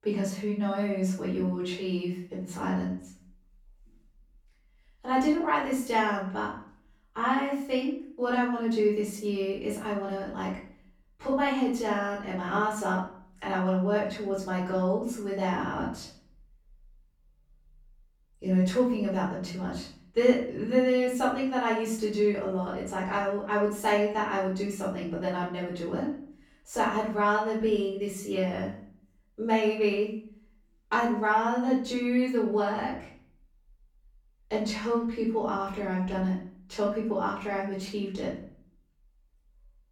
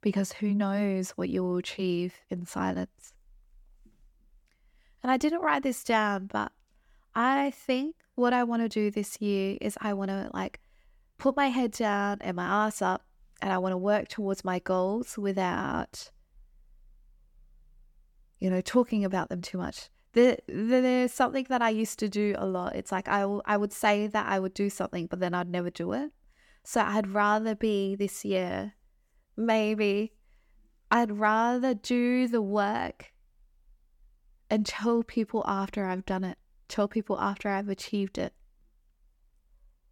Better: second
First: off-mic speech; far // room echo; noticeable; dies away in 0.5 s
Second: none

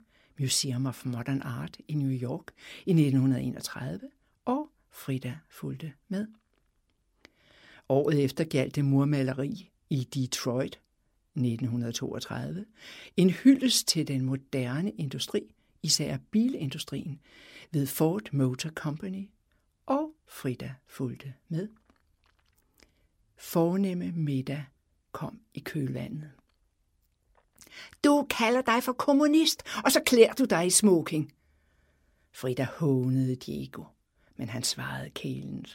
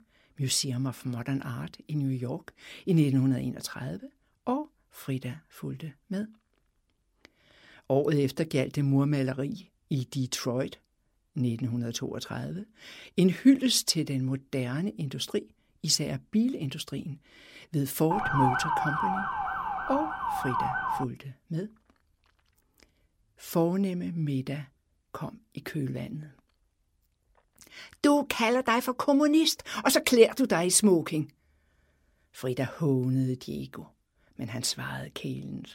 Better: first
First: none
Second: siren; loud; from 18 to 21 s; peak 2 dB above the speech

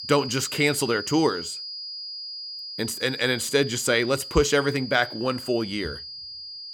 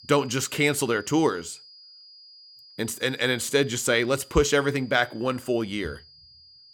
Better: second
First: high-pitched whine; loud; throughout; 5 kHz, 10 dB below the speech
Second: high-pitched whine; faint; throughout; 5 kHz, 25 dB below the speech

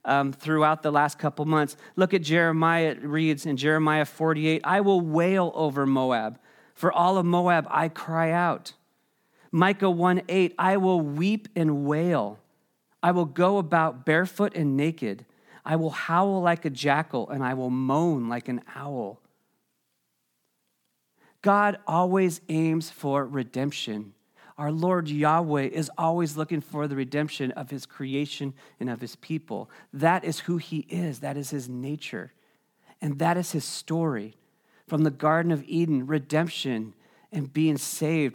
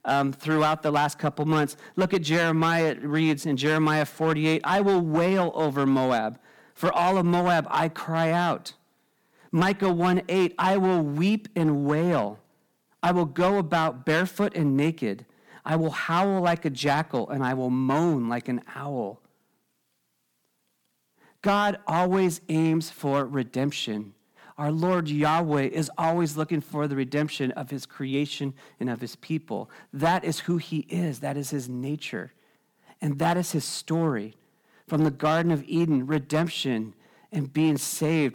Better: first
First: none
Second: distortion; slight; 6% of the sound clipped

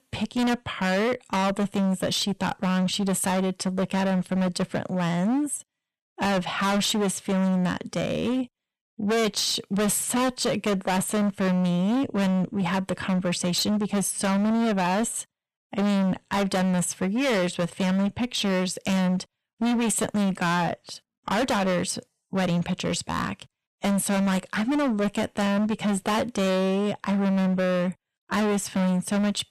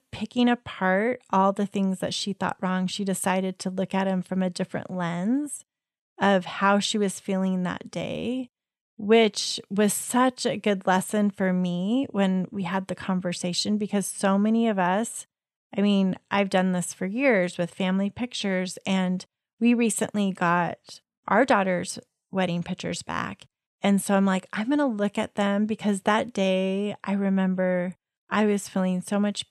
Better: second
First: distortion; heavy; 28% of the sound clipped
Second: none

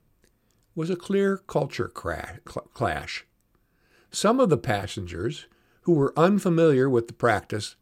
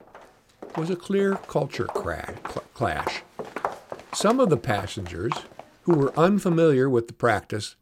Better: first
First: none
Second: footsteps; noticeable; from 0.5 to 6.5 s; peak 7 dB below the speech

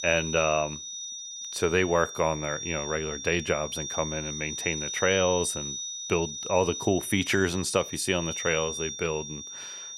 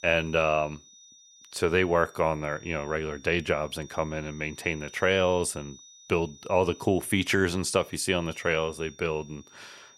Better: second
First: high-pitched whine; loud; throughout; 6 kHz, 6 dB below the speech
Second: high-pitched whine; faint; throughout; 6 kHz, 25 dB below the speech

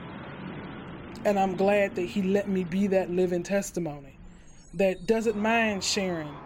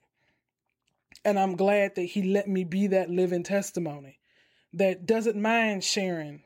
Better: second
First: traffic noise; noticeable; throughout; 15 dB below the speech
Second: none

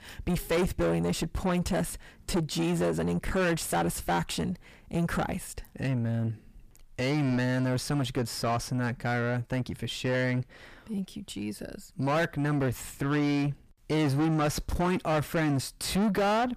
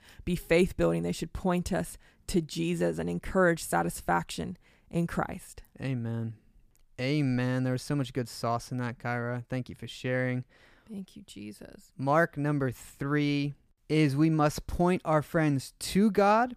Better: second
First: distortion; heavy; 5 dB below the speech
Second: none

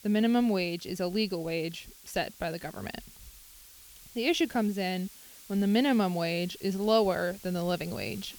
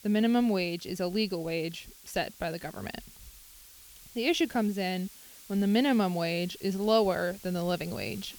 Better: neither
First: hiss; noticeable; throughout; 20 dB below the speech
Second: hiss; noticeable; throughout; 20 dB below the speech

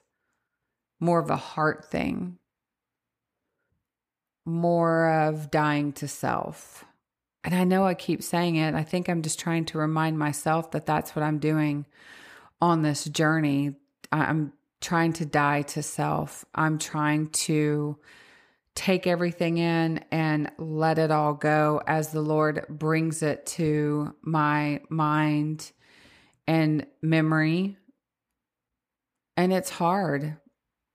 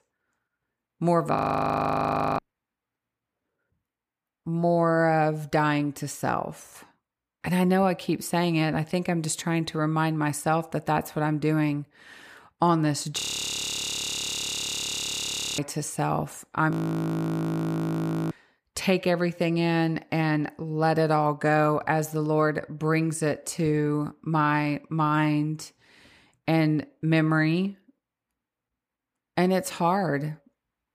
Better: first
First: none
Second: audio freezing; at 1.5 s for 1 s, at 13 s for 2.5 s and at 17 s for 1.5 s

